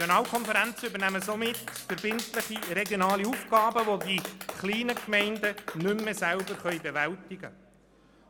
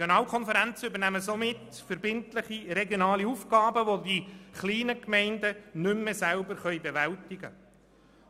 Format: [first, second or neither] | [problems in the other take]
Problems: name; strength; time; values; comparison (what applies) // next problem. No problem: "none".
second | background sound (Clapping); 11 dB below the speech